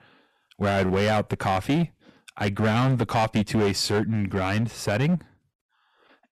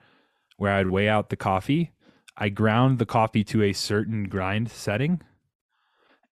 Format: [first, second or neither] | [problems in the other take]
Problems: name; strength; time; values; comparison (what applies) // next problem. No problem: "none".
second | distortion; heavy; 11% of the sound clipped